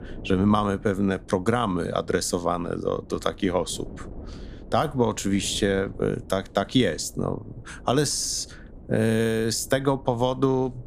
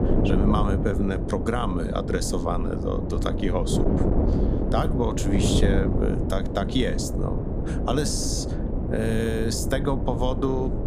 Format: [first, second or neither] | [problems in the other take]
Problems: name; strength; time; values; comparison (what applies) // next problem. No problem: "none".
first | wind noise on the microphone; heavy; 4 dB below the speech; occasional gusts in the first